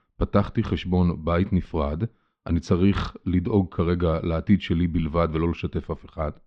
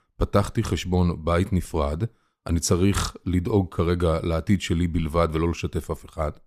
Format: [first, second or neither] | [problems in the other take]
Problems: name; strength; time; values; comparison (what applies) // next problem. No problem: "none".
second | muffled; slightly; fading above 4 kHz